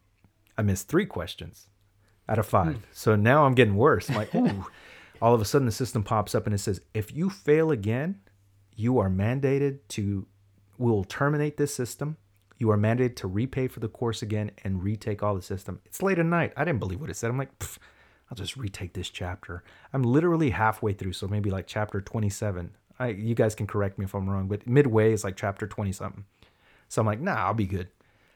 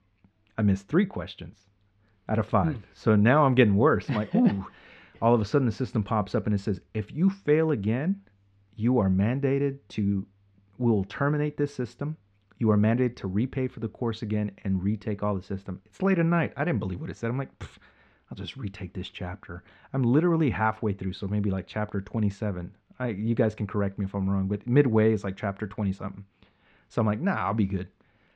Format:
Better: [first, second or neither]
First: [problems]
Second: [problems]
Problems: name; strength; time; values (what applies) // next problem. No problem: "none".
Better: first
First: none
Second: muffled; slightly; fading above 4 kHz